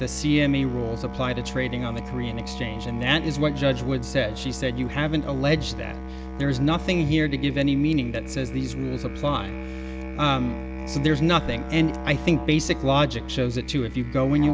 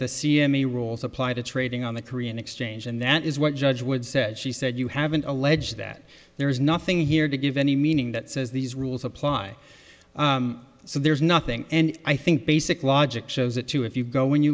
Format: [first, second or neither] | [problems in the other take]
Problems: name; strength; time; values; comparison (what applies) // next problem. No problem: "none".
second | background sound (Musical instrument); 9 dB below the speech